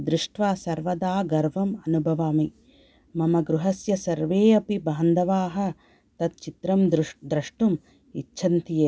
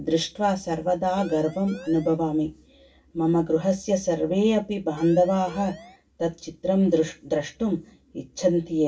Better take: first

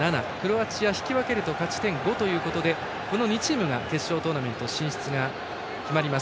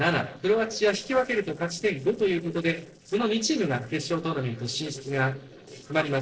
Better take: first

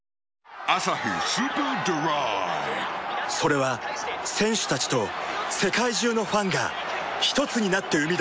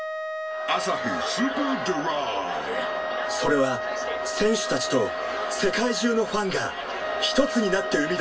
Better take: first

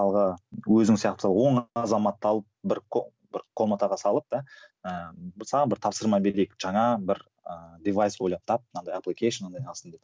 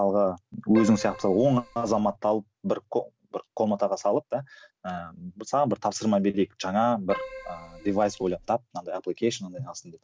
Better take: first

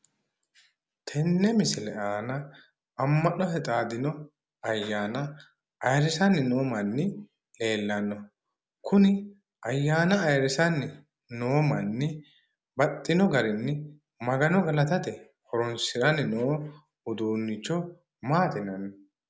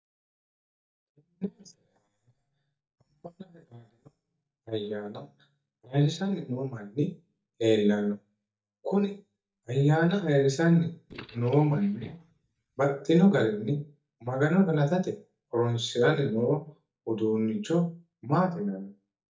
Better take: first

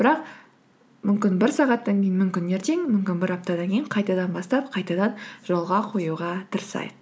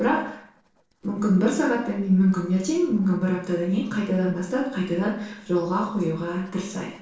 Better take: first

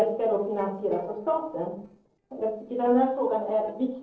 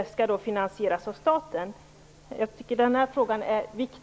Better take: second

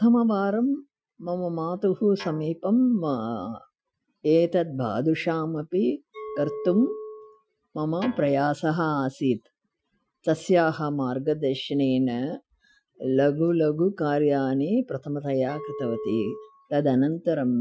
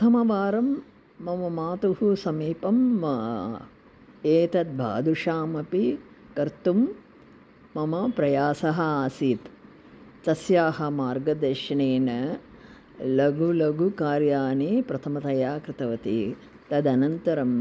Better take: second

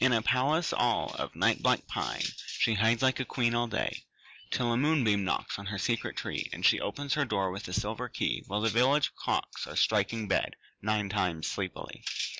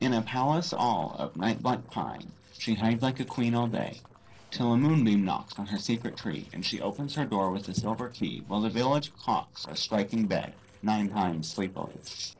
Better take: first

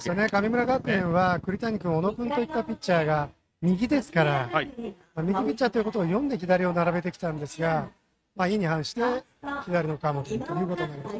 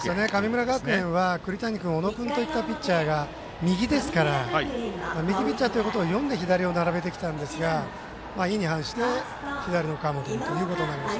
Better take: second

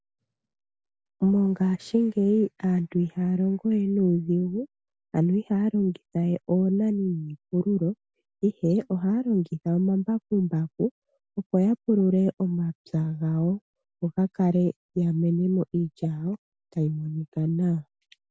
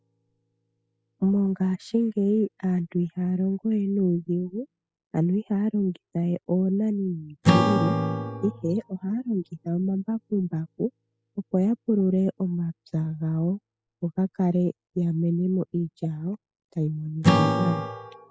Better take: first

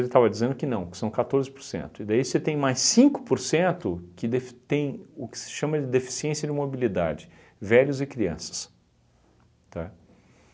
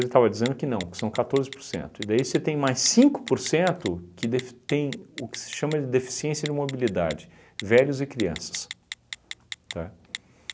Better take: first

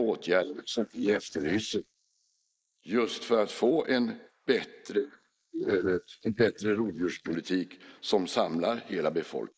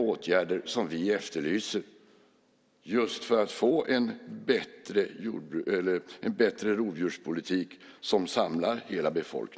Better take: second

